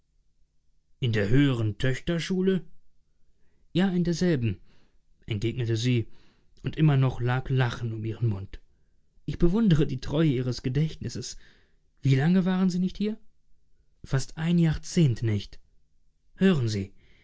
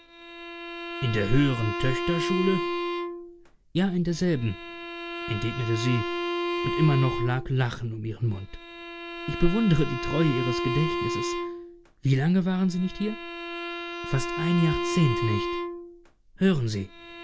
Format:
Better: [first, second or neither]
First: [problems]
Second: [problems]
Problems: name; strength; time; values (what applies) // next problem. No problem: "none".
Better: first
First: none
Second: background sound (Bowed string instrument); 5 dB below the speech